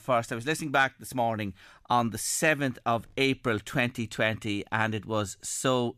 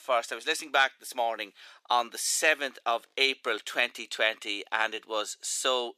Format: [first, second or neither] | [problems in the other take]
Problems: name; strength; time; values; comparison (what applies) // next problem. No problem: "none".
first | thin; very; fading below 400 Hz